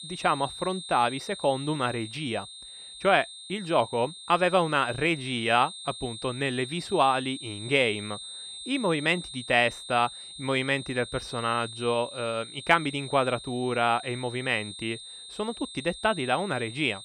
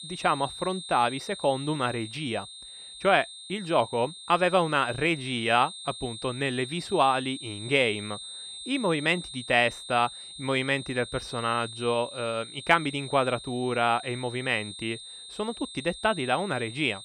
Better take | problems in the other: neither | high-pitched whine; noticeable; throughout; 3.5 kHz, 10 dB below the speech; the same in both

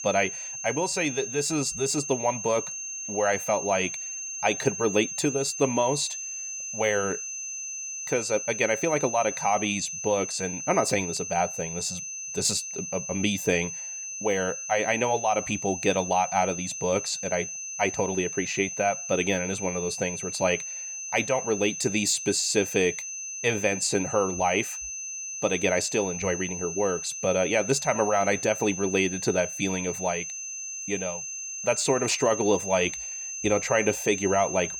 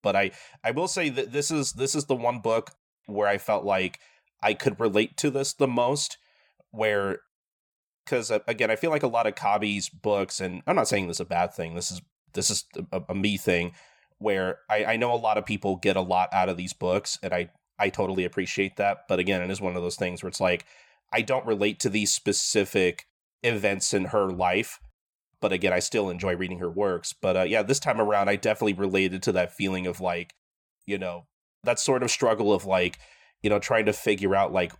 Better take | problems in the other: second | high-pitched whine; loud; throughout; 6 kHz, 6 dB below the speech

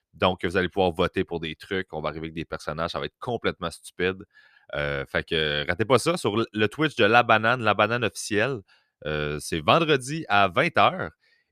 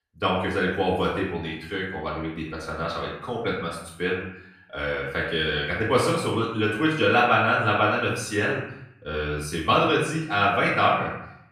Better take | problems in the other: first | off-mic speech; far // room echo; noticeable; dies away in 0.7 s

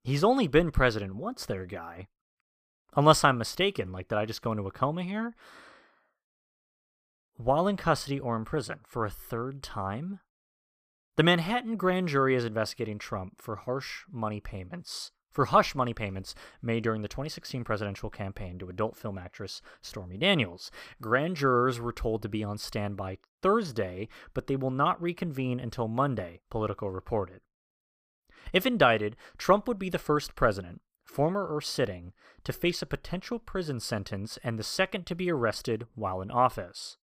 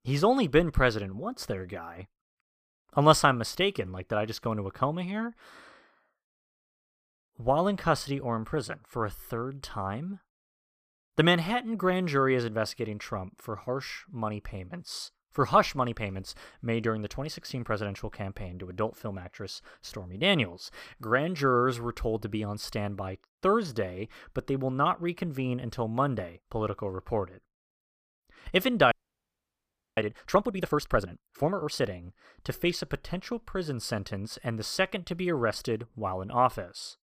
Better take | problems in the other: first | audio freezing; at 29 s for 1 s

